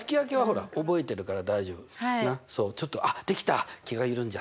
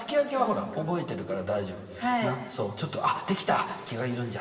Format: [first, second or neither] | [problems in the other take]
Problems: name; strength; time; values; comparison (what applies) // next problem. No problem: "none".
first | room echo; dies away in 2.5 s